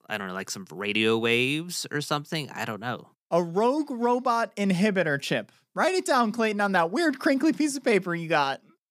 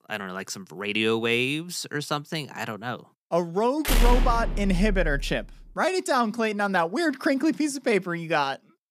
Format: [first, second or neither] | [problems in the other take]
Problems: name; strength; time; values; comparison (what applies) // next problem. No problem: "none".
first | door banging; loud; from 4 to 5.5 s; peak 3 dB above the speech